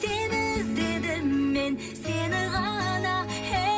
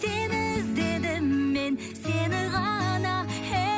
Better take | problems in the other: second | background sound (Bowed string instrument); 19 dB below the speech // room echo; dies away in 0.1 s

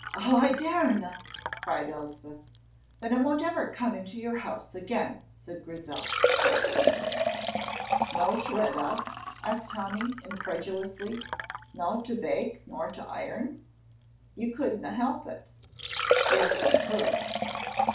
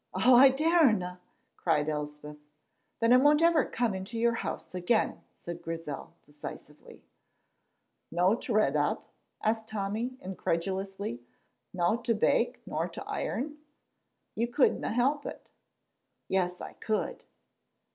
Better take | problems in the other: second | background sound (Liquid); as loud as the speech // room echo; dies away in 0.3 s

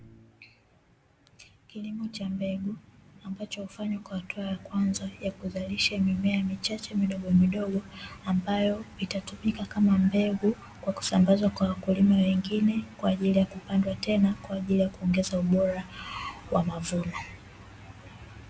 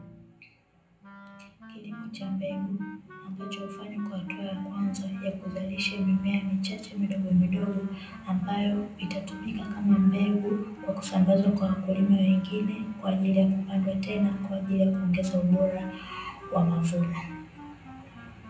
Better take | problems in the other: first | background sound (Wind instrument, woodwind instrument); 20 dB below the speech // room echo; dies away in 0.6 s

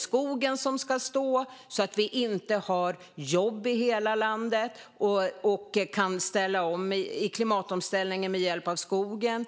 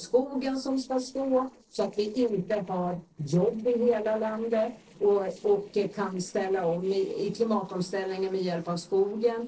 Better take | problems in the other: first | noise reduction (neural separator model SepFormer DNS4)

